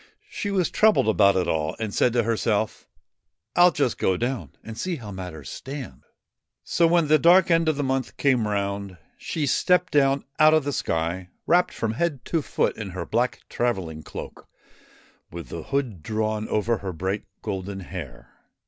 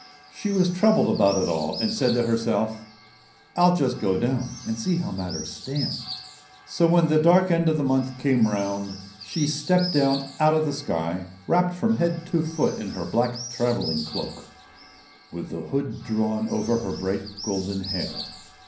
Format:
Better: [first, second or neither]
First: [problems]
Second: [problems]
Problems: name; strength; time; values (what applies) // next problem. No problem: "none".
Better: first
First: none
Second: background sound (Bird); 15 dB below the speech // room echo; dies away in 0.6 s